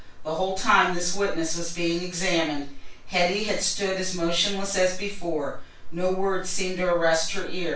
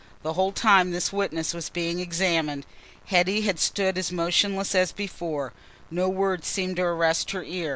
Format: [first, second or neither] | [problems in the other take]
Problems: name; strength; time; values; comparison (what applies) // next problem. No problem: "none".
second | room echo; dies away in 0.3 s